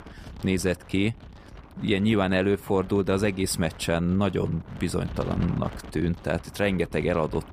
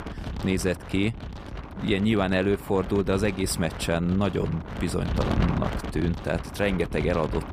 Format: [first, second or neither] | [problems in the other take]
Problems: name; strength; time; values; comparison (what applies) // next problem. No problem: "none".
first | wind noise on the microphone; heavy; 9 dB below the speech; occasional gusts in the first